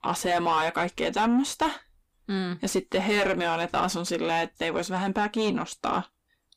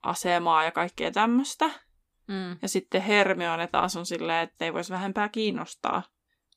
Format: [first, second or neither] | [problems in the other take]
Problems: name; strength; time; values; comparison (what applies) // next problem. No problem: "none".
second | distortion; heavy; 7 dB below the speech